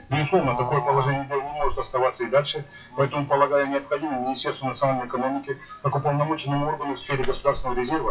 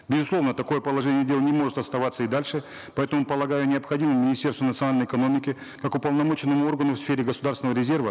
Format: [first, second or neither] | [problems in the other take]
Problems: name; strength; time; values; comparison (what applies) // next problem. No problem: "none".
second | noise reduction (classical method WPE with log-MMSE)